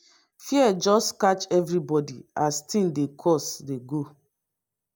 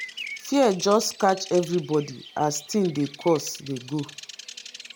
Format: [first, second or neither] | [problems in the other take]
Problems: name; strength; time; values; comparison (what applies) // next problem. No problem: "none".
first | background sound (Bird vocalization, bird call, bird song); 16 dB below the speech